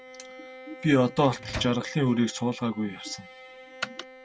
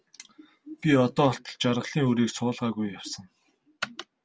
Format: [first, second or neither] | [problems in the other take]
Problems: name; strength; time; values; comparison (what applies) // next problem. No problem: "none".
second | background sound (Bowed string instrument + Microwave oven); 15 dB below the speech